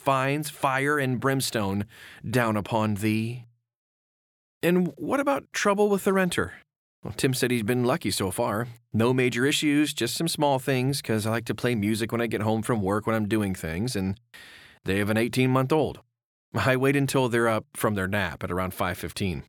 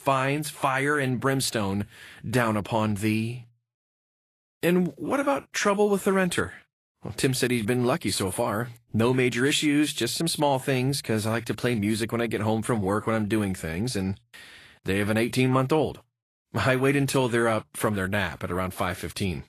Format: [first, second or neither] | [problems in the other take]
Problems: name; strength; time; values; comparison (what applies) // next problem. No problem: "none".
first | garbled, watery; slightly; nothing above 12.5 kHz